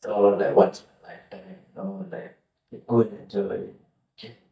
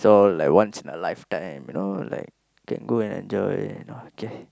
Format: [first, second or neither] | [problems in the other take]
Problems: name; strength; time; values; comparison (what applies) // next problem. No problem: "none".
second | noise reduction (neural mask model DeepFilterNet 3)